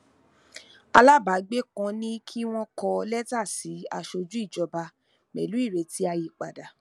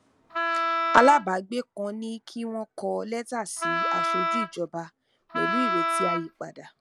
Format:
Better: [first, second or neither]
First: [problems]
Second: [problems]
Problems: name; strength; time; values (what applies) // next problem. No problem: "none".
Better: first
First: none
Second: background sound (Wind instrument, woodwind instrument); 1 dB above the speech